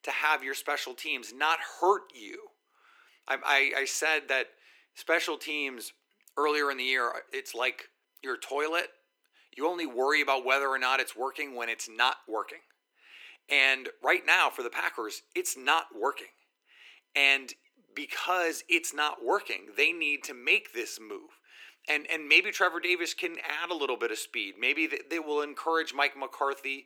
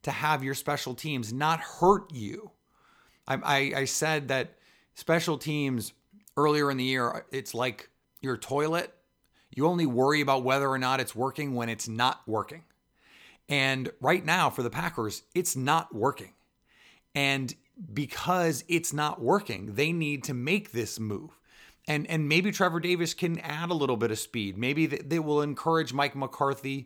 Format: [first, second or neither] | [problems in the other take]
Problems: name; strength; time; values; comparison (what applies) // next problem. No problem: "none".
second | thin; very; fading below 350 Hz